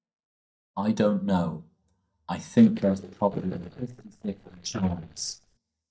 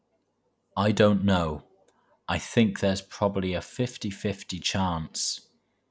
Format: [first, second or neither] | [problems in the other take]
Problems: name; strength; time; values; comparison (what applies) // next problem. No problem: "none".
second | noise reduction (neural mask model DeepFilterNet 3)